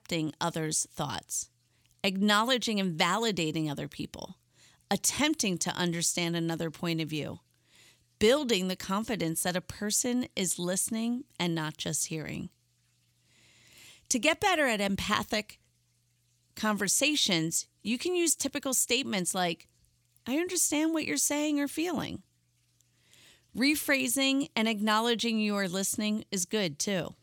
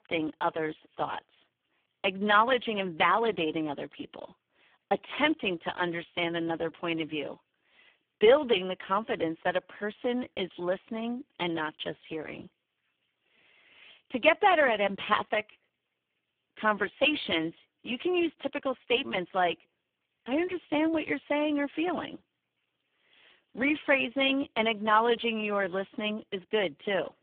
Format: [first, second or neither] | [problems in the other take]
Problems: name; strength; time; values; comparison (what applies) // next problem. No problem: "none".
first | phone-call audio; poor line; nothing above 3.5 kHz